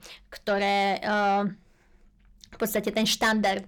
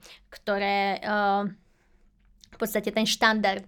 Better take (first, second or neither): second